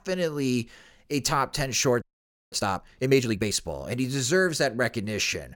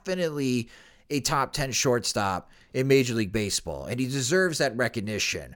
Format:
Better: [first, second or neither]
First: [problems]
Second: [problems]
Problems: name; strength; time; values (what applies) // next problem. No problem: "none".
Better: second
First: audio freezing; at 2 s for 0.5 s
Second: none